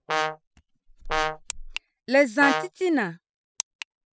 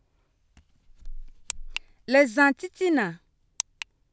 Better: second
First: noise reduction (classical method spectral subtraction)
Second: none

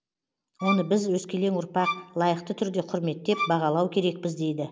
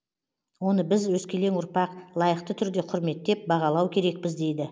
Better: second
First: background sound (Bowed string instrument); 6 dB below the speech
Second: none

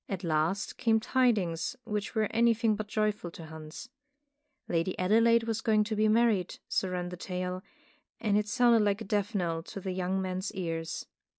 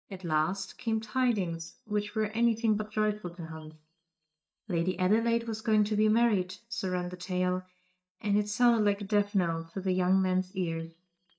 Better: first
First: none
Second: noise reduction (neural mask model DeepFilterNet 3)

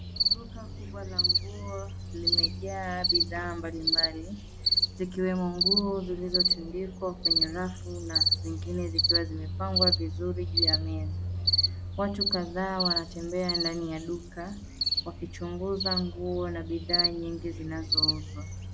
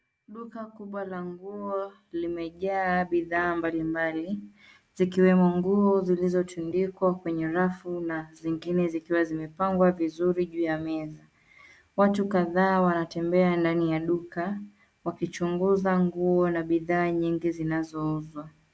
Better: second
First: background sound (Cricket); 4 dB above the speech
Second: none

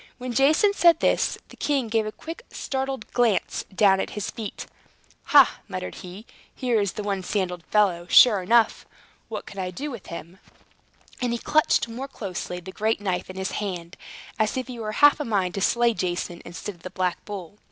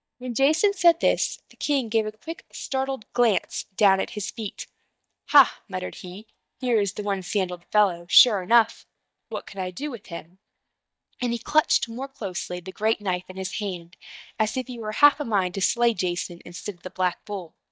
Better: first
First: none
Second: noise reduction (neural mask model DeepFilterNet 3)

